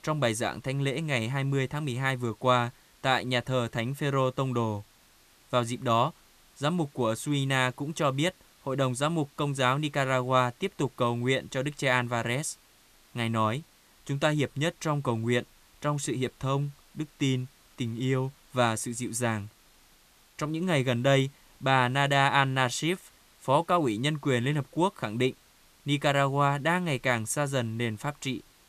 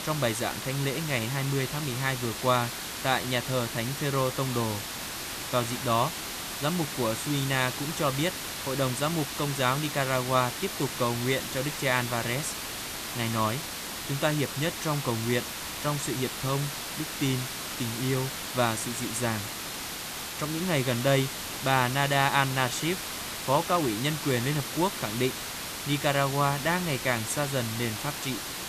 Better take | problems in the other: first | hiss; loud; throughout; 5 dB below the speech; faint in the first

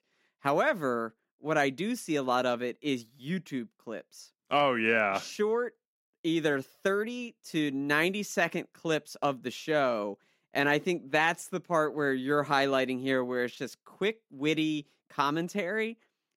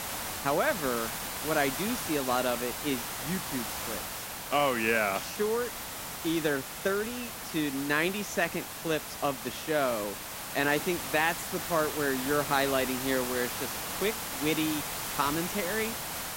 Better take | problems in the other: first | hiss; loud; throughout; 4 dB below the speech

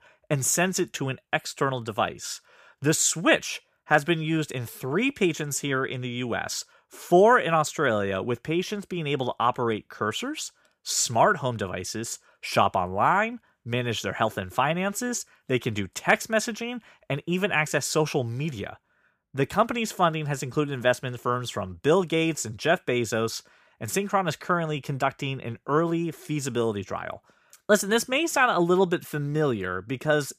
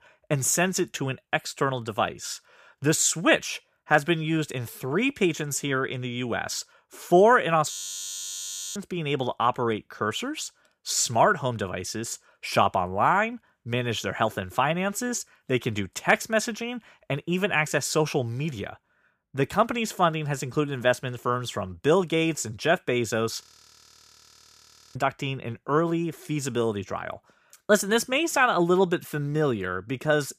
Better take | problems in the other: first | audio freezing; at 7.5 s for 1 s and at 23 s for 1.5 s

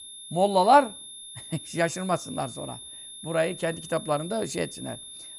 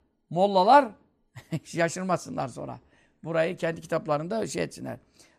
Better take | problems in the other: second | high-pitched whine; noticeable; throughout; 3.5 kHz, 15 dB below the speech

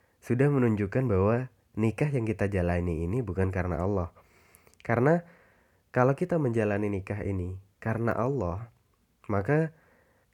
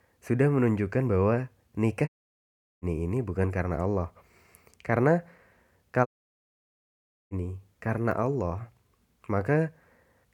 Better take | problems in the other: first | audio cutting out; at 2 s for 0.5 s and at 6 s for 1.5 s

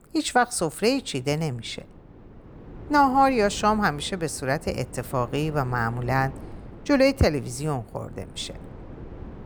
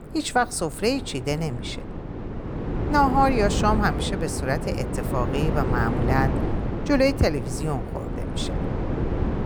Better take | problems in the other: first | wind noise on the microphone; heavy; 8 dB below the speech; occasional gusts in the first

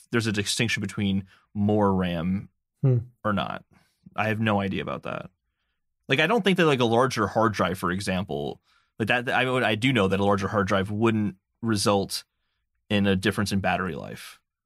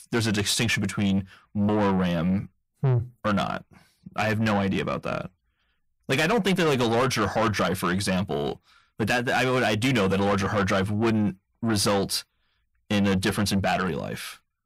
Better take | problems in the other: first | distortion; heavy; 8 dB below the speech

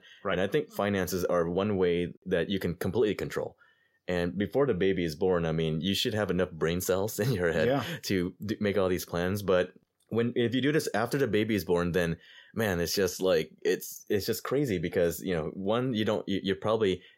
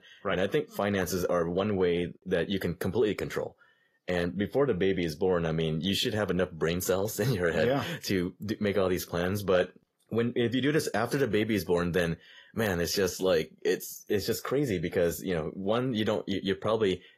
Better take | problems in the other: first | garbled, watery; slightly; nothing above 14.5 kHz

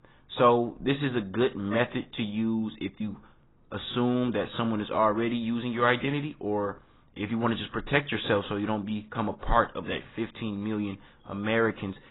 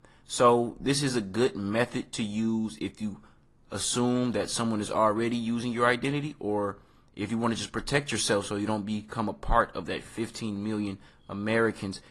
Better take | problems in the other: second | garbled, watery; badly; nothing above 4 kHz; slightly in the second

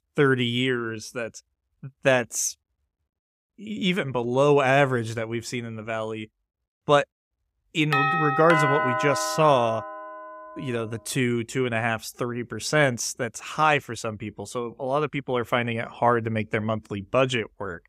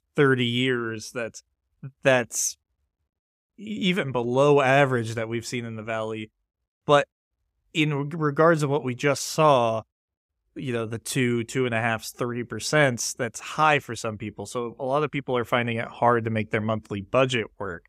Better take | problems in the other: second | doorbell; loud; from 8 to 10 s; peak 3 dB above the speech

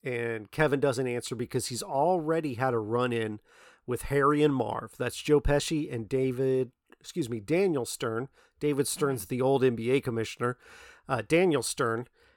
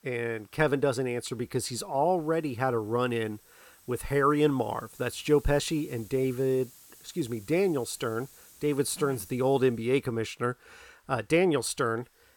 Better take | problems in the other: first | hiss; faint; throughout; 25 dB below the speech

